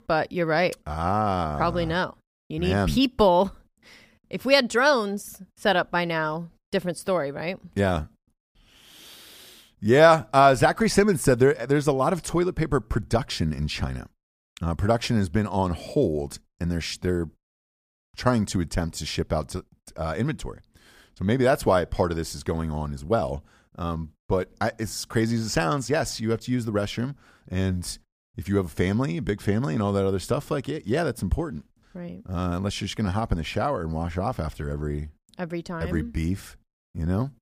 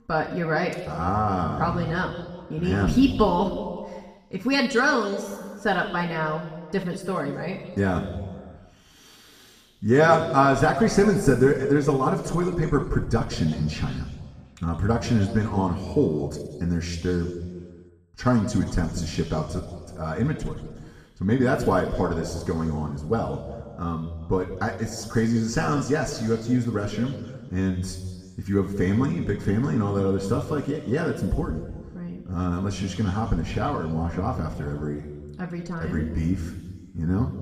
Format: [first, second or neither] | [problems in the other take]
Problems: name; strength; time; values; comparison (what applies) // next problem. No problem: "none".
first | room echo; noticeable; dies away in 1.5 s // off-mic speech; somewhat distant